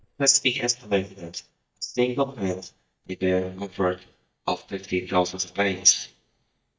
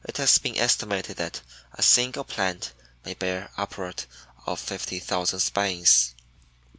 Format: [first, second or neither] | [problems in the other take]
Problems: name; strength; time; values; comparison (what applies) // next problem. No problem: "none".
second | noise reduction (neural mask model DeepFilterNet 3)